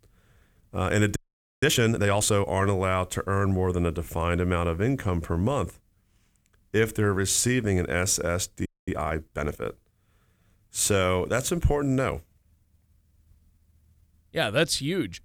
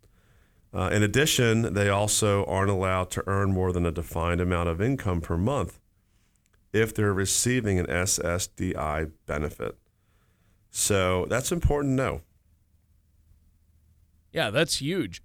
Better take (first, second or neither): second